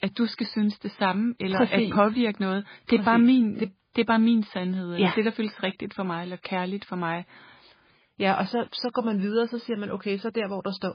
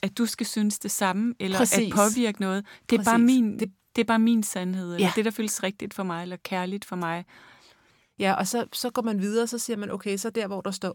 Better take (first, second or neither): second